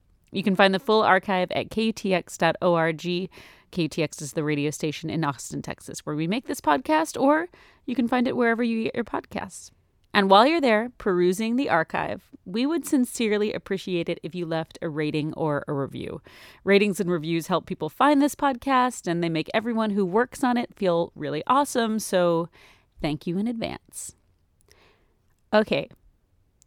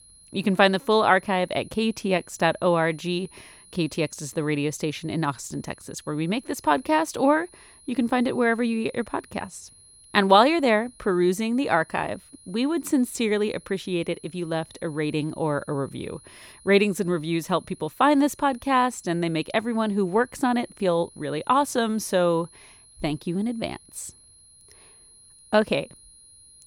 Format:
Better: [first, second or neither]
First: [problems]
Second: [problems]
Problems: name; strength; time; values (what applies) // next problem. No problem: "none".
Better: first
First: none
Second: high-pitched whine; faint; throughout; 10.5 kHz, 25 dB below the speech